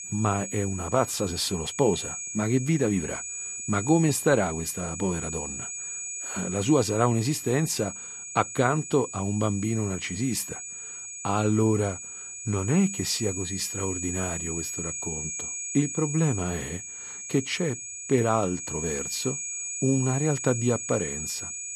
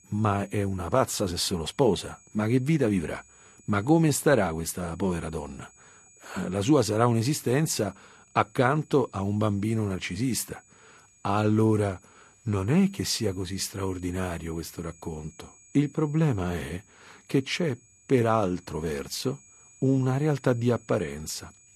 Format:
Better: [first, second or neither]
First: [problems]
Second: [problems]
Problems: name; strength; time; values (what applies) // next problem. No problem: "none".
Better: second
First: high-pitched whine; loud; throughout; 7 kHz, 6 dB below the speech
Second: high-pitched whine; faint; throughout; 7 kHz, 30 dB below the speech